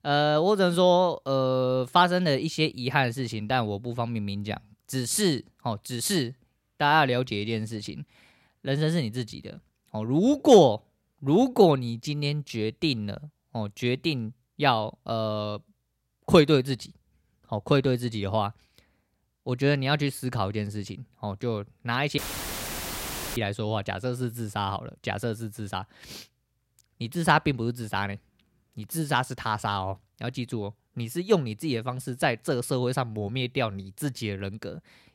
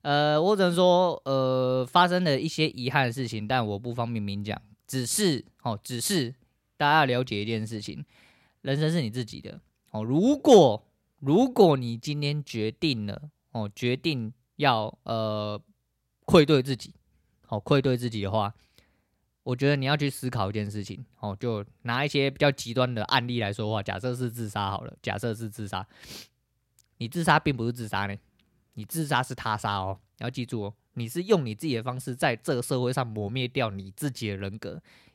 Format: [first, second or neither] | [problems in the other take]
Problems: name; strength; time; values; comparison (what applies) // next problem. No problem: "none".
second | audio cutting out; filled with static; at 22 s for 1 s